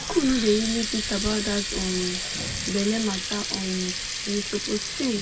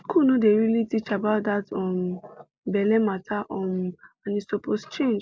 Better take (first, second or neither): second